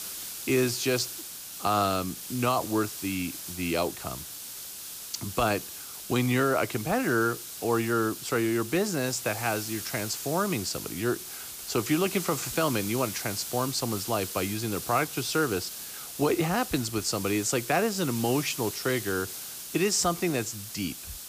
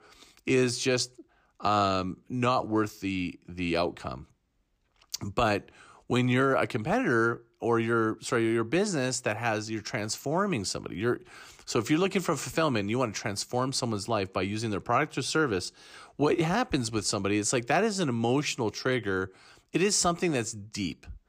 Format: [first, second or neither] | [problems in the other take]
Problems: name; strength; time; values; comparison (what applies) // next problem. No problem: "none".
second | hiss; loud; throughout; 8 dB below the speech